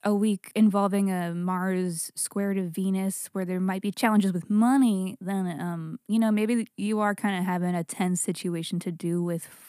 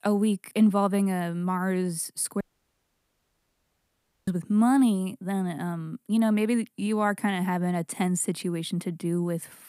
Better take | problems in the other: first | audio cutting out; at 2.5 s for 2 s

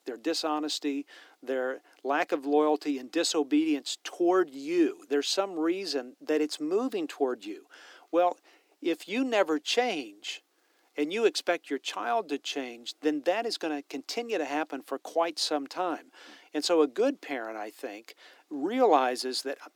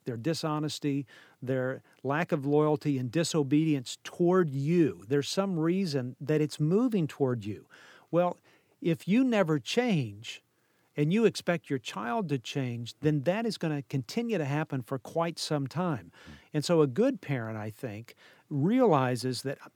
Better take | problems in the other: second | thin; somewhat; fading below 300 Hz

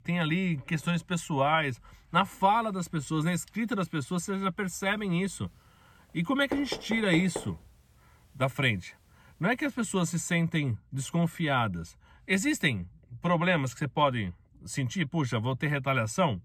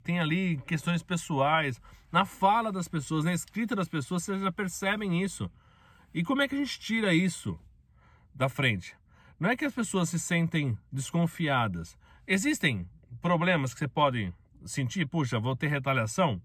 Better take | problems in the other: second | door banging; noticeable; at 6.5 s; peak 8 dB below the speech

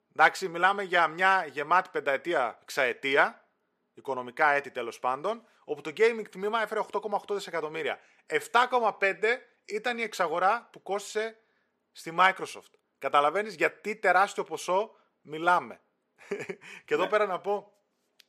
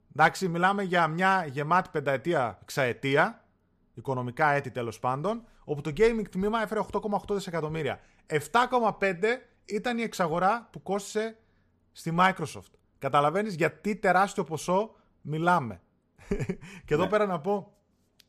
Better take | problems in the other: second | thin; somewhat; fading below 400 Hz

